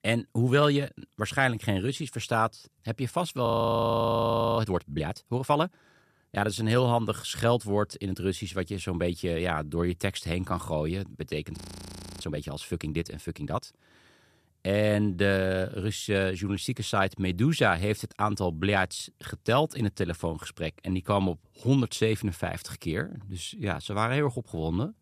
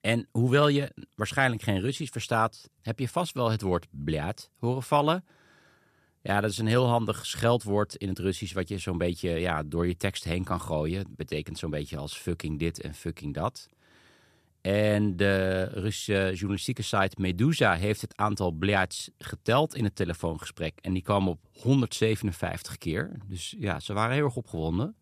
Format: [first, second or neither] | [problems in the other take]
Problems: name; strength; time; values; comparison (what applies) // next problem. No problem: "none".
second | audio freezing; at 3.5 s for 1 s and at 12 s for 0.5 s